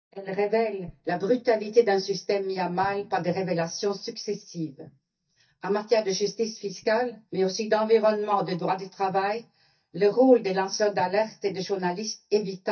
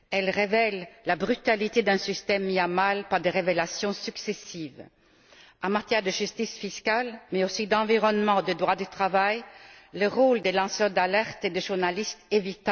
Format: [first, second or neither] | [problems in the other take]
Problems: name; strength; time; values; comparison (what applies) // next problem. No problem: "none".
second | noise reduction (neural mask model DeepFilterNet 3)